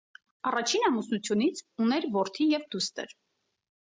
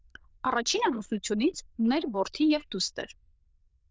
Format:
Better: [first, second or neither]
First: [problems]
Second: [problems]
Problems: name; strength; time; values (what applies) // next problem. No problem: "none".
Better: first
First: none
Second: noise reduction (neural diffusion model UNIVERSE++)